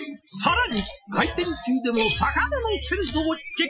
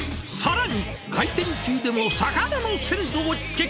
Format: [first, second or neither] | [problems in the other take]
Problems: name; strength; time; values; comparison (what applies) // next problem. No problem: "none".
second | noise reduction (classical method Wiener filter)